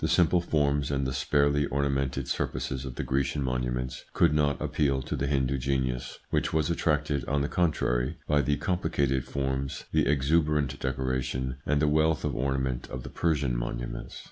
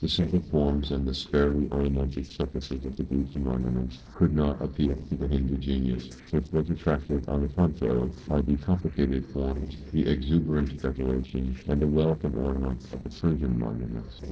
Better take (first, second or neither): first